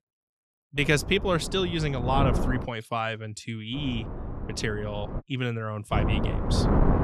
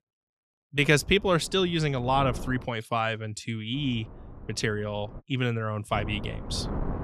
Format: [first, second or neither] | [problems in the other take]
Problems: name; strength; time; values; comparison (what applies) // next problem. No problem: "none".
second | wind noise on the microphone; heavy; from 1 to 2.5 s, from 3.5 to 5 s and from 6 s on; 6 dB below the speech; occasional gusts in the second